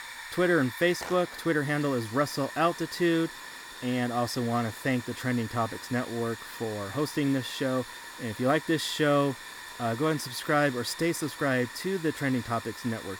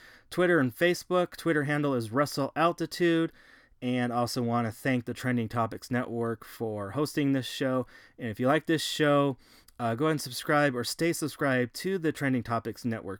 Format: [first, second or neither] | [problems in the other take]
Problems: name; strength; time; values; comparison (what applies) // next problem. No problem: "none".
second | hiss; noticeable; throughout; 10 dB below the speech